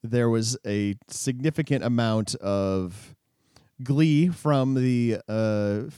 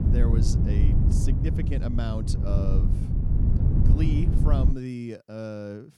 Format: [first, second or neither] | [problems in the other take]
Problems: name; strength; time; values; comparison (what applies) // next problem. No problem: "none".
first | wind noise on the microphone; heavy; until 4.5 s; as loud as the speech